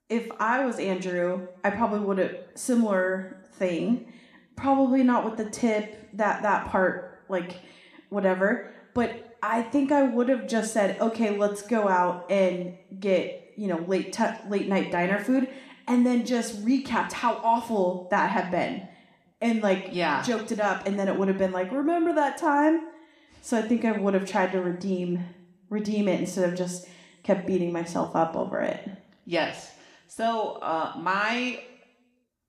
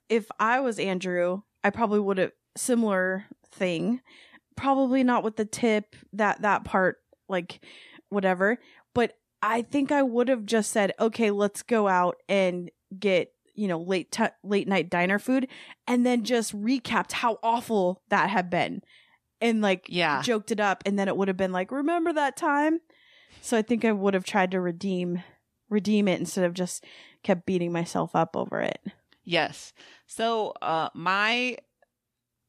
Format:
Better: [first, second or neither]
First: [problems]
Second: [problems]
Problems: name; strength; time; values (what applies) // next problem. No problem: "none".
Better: second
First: room echo; slight; dies away in 0.7 s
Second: none